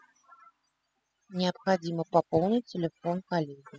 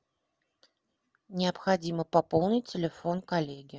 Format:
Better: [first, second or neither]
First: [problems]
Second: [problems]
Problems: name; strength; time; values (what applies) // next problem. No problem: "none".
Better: second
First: noise reduction (classical method spectral subtraction)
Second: none